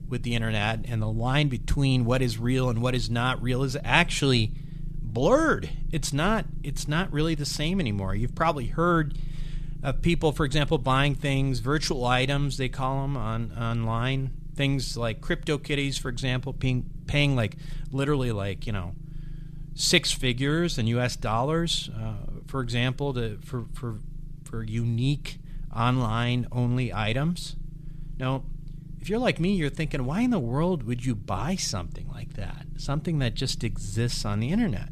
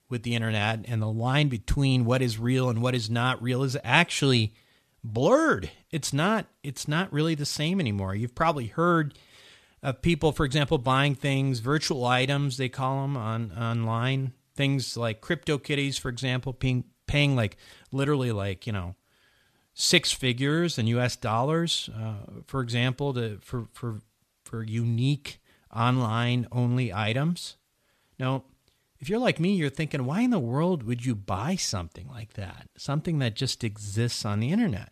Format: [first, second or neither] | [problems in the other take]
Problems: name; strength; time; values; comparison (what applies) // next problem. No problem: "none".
second | low rumble; faint; throughout; 25 dB below the speech